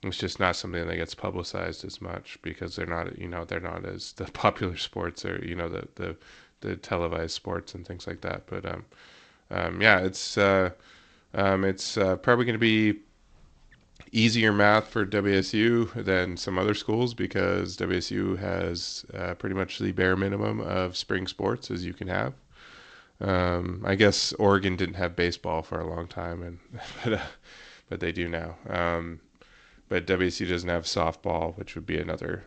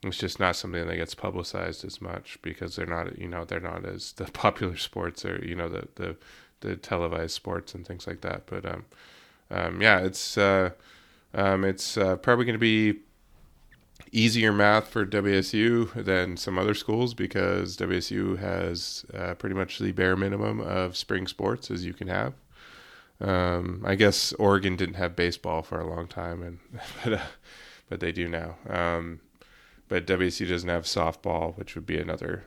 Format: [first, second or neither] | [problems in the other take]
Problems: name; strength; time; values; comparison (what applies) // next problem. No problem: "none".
second | garbled, watery; slightly; nothing above 8 kHz